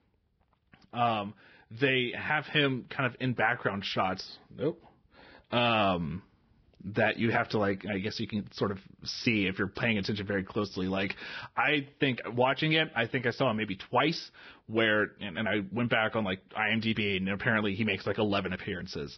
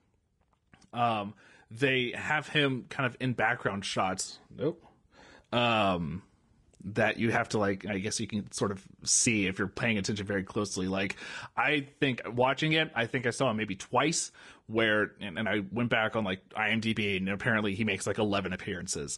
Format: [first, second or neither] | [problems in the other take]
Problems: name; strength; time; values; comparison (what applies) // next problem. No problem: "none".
second | garbled, watery; badly; nothing above 5.5 kHz; slightly in the second